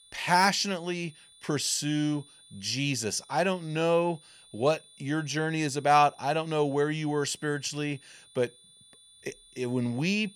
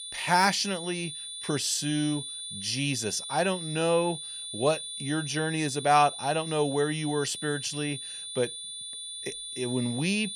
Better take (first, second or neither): first